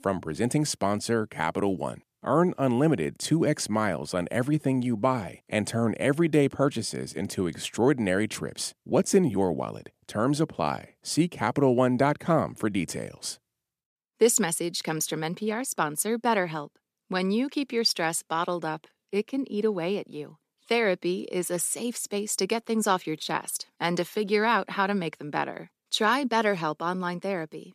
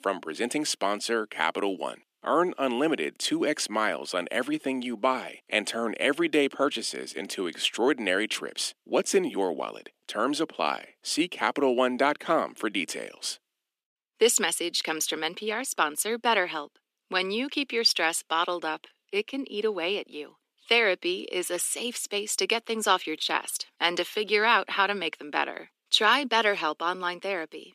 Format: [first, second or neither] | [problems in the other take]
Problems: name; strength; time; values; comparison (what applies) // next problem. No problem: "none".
first | thin; somewhat; fading below 250 Hz